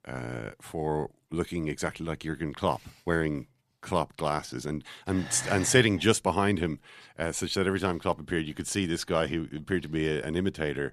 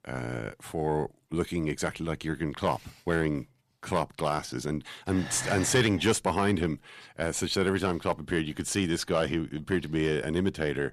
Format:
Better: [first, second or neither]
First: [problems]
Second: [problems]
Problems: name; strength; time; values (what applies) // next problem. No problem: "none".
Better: first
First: none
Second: distortion; slight; 10 dB below the speech